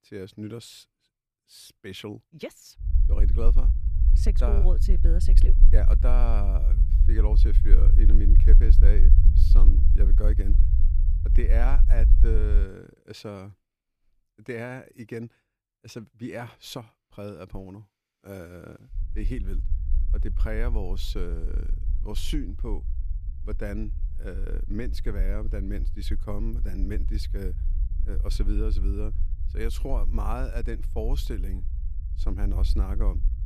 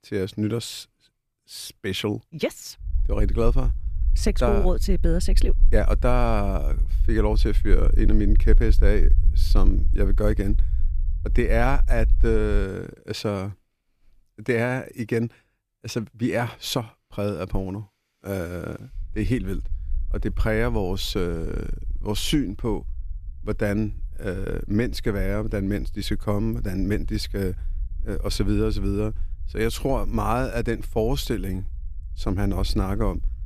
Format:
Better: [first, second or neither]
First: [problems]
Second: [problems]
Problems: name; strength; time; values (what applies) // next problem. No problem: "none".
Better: second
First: low rumble; loud; from 3 to 13 s and from 19 s on; 8 dB below the speech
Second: low rumble; faint; from 3 to 13 s and from 19 s on; 20 dB below the speech